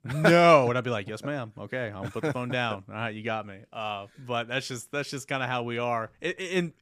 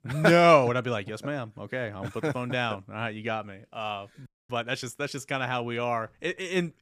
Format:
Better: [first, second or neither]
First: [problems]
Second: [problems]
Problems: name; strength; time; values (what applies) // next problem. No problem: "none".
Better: first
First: none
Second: audio freezing; at 4.5 s